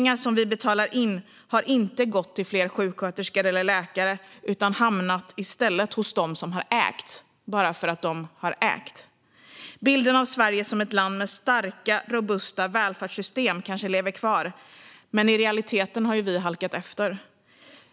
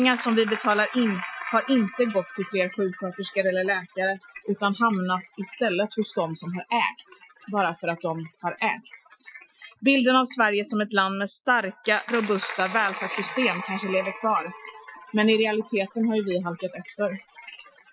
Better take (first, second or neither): first